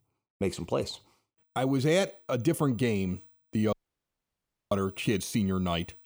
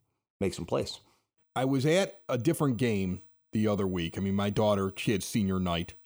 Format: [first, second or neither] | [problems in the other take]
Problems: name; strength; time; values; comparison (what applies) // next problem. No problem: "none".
second | audio cutting out; at 3.5 s for 1 s